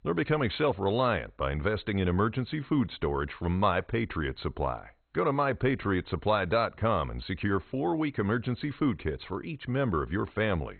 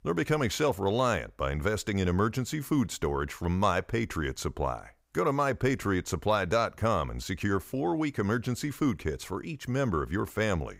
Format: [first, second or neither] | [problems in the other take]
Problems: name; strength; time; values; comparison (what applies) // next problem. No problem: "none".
second | garbled, watery; badly; nothing above 4 kHz